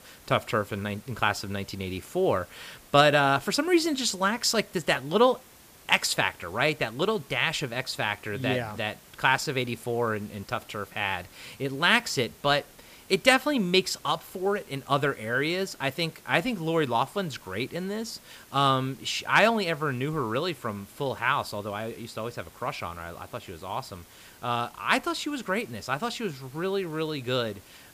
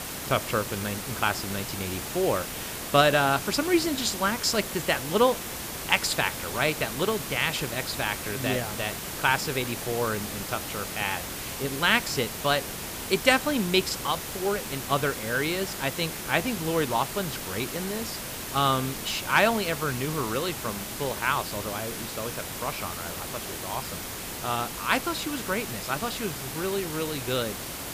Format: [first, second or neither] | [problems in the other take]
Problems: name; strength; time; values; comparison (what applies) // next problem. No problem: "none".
first | hiss; loud; throughout; 6 dB below the speech; faint in the first